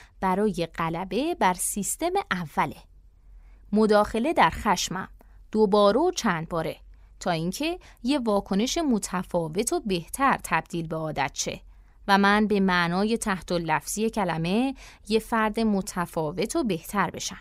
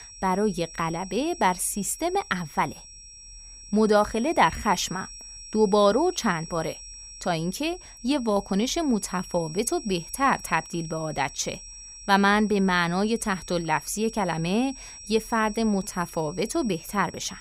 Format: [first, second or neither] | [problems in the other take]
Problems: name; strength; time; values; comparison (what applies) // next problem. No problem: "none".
first | high-pitched whine; noticeable; throughout; 5.5 kHz, 15 dB below the speech